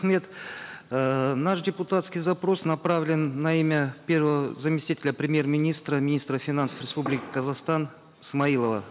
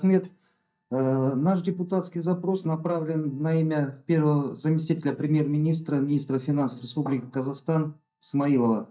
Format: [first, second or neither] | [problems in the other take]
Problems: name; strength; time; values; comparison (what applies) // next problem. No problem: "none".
first | noise reduction (neural mask model DeepFilterNet 3)